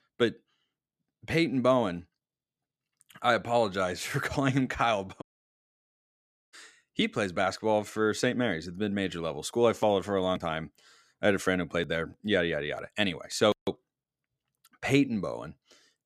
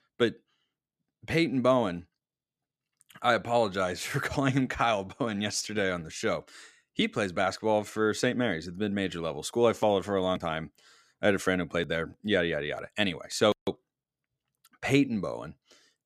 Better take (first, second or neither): second